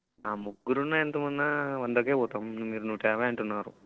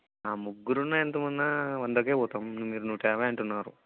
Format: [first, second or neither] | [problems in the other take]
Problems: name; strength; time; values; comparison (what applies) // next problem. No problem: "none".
second | noise reduction (neural separator model SepFormer DNS4)